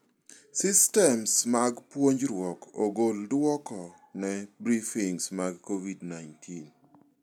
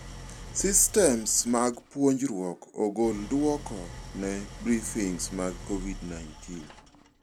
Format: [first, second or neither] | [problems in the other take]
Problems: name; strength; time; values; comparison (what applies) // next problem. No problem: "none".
first | background sound (Idling); 14 dB below the speech